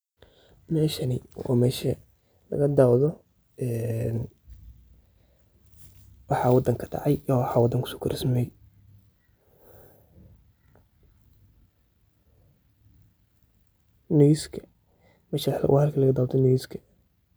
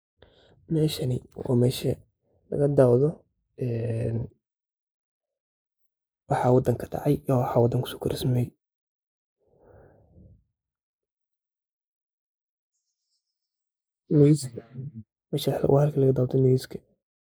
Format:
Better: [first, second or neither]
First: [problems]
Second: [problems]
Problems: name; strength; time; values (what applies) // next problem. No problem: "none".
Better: first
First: none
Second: noise reduction (neural mask model Resemble Enhance denoiser)